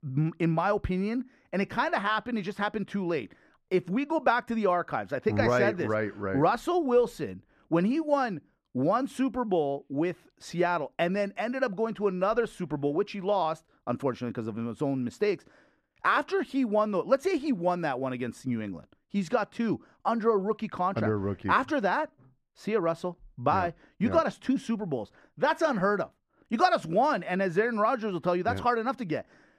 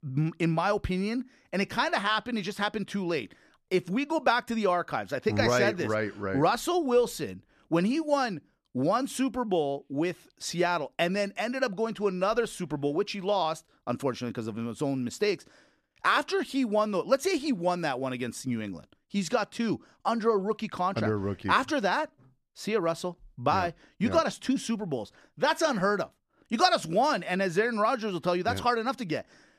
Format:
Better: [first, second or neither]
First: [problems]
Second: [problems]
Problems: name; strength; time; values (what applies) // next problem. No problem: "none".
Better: second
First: muffled; slightly; fading above 3 kHz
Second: none